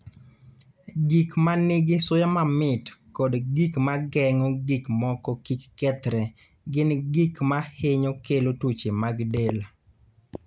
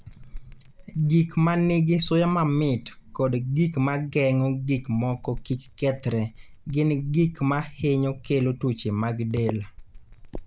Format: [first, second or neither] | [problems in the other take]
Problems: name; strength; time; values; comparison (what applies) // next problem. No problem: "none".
first | background sound (Bell); 18 dB below the speech